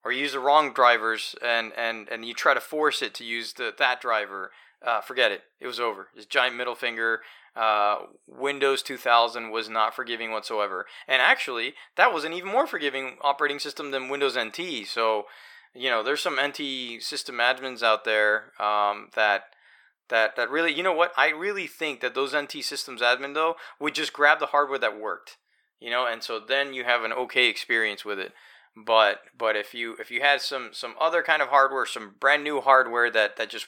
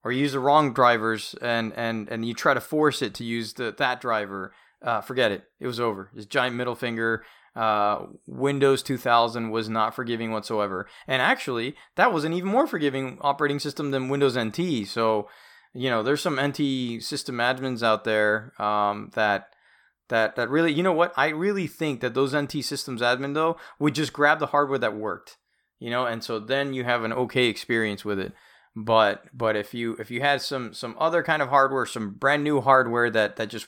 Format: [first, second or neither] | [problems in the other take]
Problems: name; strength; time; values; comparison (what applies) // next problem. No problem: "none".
second | thin; somewhat; fading below 500 Hz